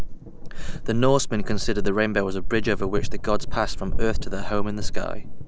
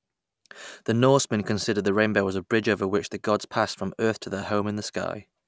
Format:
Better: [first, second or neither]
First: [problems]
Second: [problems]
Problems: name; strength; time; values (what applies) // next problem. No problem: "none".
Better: second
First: background sound (Thunder / Wind / Bird vocalization, bird call, bird song); 4 dB above the speech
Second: none